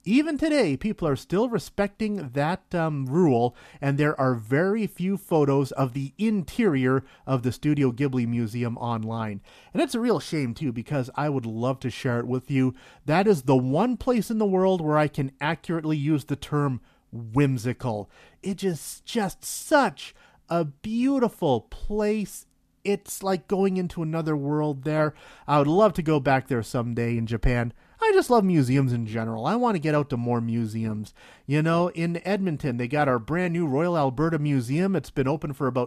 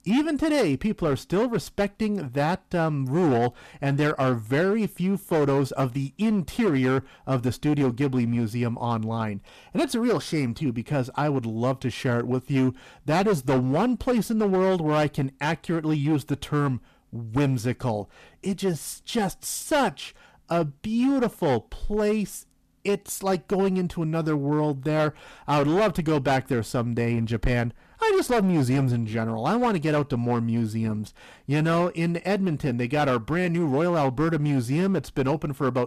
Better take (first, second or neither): first